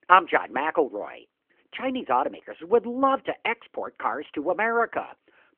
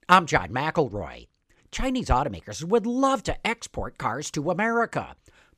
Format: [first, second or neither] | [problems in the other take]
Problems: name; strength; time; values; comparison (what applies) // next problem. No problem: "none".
second | phone-call audio